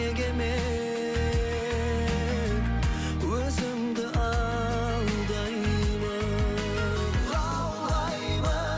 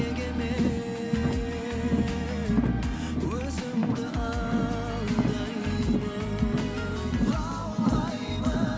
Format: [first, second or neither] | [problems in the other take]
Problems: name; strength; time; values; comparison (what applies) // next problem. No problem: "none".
first | background sound (Car); 2 dB above the speech